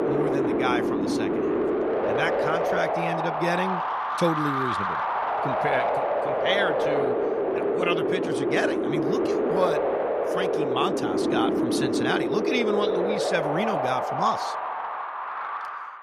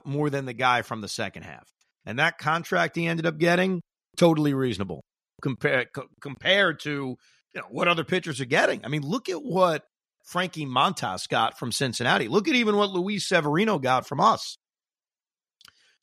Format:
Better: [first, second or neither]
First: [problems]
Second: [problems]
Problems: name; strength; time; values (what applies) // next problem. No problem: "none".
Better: second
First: wind noise on the microphone; heavy; 3 dB above the speech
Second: none